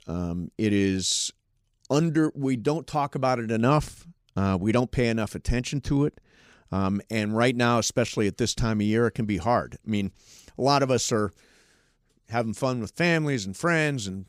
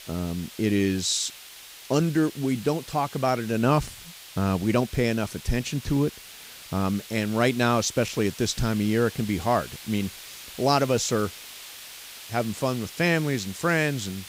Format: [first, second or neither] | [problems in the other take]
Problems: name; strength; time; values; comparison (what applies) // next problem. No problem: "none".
first | hiss; noticeable; throughout; 15 dB below the speech